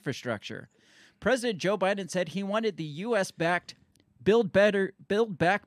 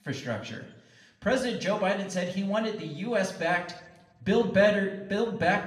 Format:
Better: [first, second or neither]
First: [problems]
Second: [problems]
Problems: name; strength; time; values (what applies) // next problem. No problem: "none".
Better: first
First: none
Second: room echo; slight; dies away in 0.6 s // off-mic speech; somewhat distant